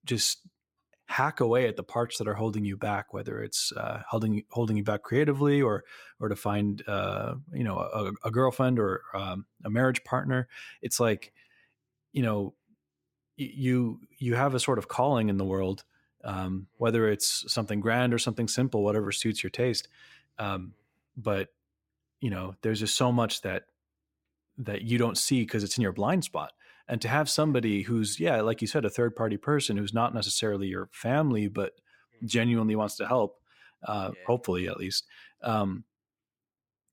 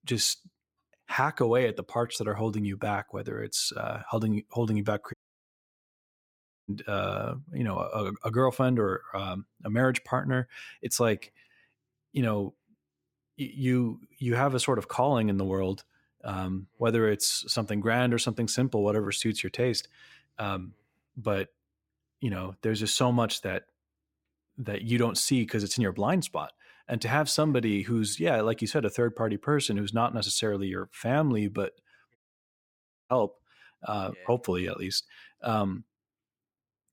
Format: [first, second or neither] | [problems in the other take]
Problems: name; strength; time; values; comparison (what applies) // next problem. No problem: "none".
first | audio cutting out; at 5 s for 1.5 s and at 32 s for 1 s